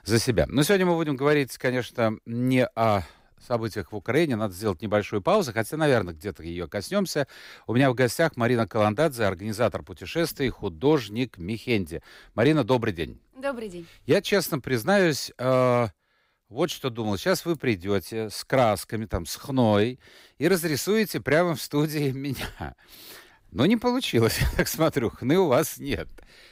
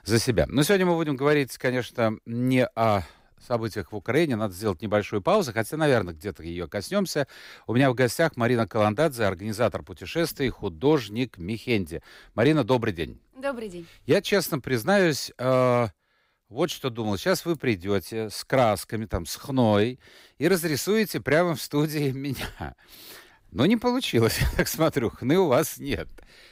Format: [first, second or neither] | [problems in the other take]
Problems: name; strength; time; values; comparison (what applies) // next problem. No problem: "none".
neither | none